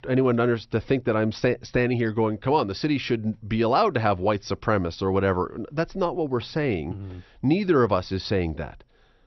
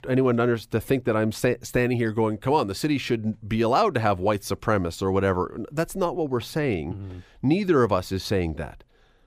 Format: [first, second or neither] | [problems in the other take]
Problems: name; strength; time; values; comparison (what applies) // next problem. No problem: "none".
second | garbled, watery; slightly; nothing above 6 kHz